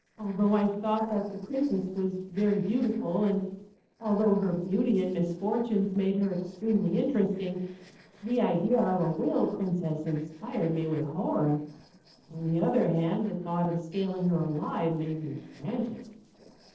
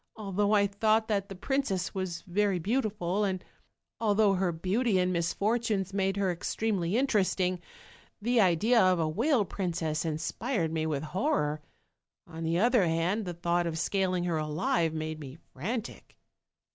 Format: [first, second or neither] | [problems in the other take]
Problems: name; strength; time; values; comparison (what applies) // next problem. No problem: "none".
second | noise reduction (neural separator model SepFormer DNS4)